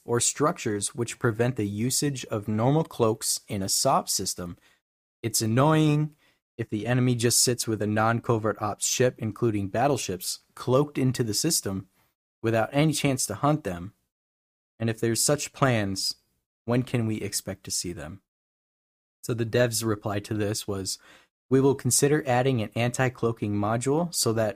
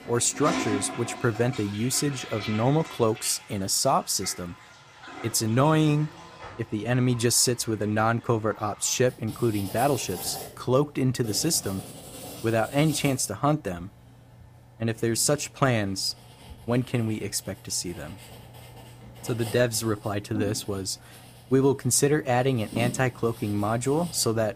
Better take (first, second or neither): first